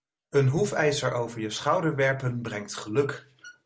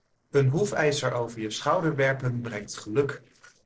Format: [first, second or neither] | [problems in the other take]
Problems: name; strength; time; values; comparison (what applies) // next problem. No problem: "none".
first | noise reduction (neural separator model SepFormer DNS4)